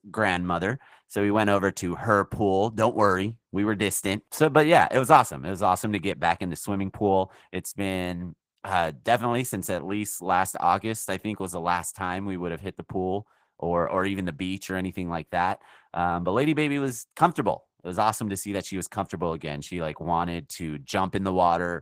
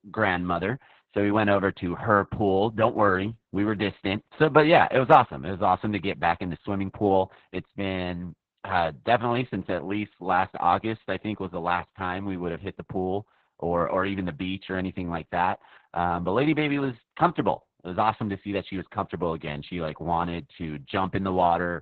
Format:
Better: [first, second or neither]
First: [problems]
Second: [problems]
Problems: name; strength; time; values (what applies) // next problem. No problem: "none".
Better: first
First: garbled, watery; slightly; nothing above 15.5 kHz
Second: garbled, watery; badly; nothing above 4 kHz